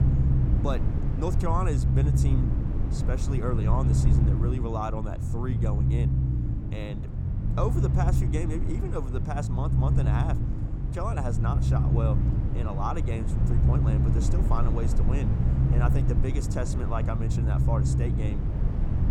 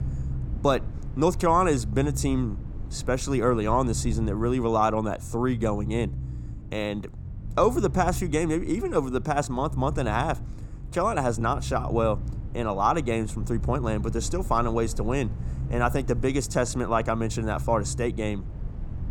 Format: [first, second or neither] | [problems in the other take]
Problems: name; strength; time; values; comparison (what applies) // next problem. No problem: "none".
second | low rumble; loud; throughout; 3 dB below the speech; faint in the second